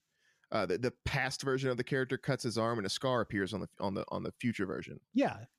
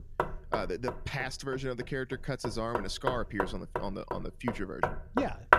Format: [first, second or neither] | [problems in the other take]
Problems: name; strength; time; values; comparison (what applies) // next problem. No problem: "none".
first | door banging; loud; peak 3 dB above the speech